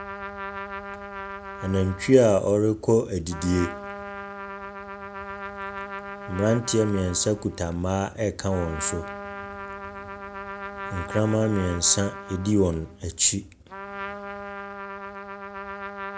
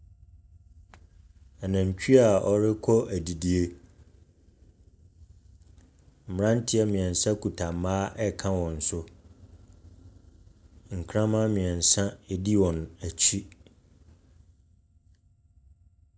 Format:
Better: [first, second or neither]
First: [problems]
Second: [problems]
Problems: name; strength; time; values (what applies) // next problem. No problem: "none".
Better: second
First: background sound (Trumpet); 10 dB below the speech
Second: none